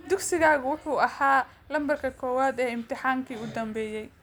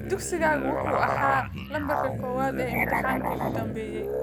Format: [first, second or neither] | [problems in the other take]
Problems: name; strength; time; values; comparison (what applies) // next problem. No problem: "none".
first | background sound (Musical instrument); as loud as the speech